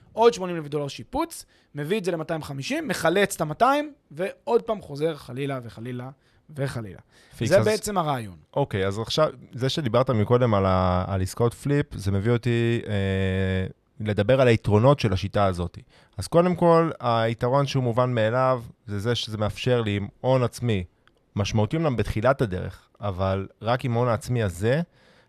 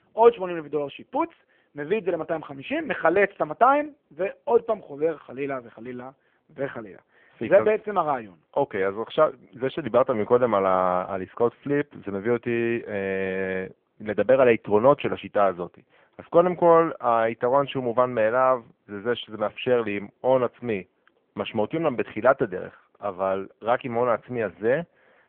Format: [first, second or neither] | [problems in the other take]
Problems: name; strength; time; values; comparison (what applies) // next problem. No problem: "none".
first | phone-call audio; poor line; nothing above 3.5 kHz